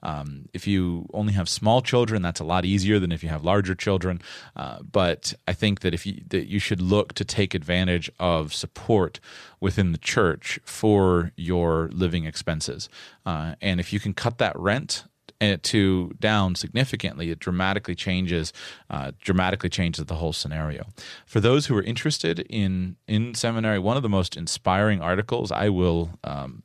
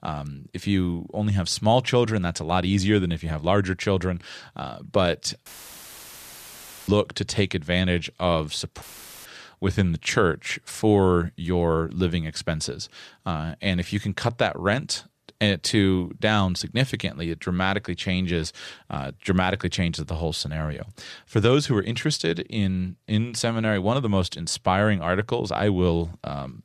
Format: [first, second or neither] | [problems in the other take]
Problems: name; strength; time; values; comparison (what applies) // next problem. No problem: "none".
first | audio cutting out; filled with static; at 5.5 s for 1.5 s and at 9 s